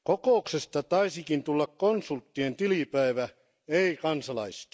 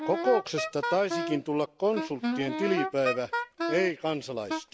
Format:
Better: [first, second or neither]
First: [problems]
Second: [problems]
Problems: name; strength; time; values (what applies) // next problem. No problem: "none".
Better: first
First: none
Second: background sound (Wind instrument, woodwind instrument); 4 dB below the speech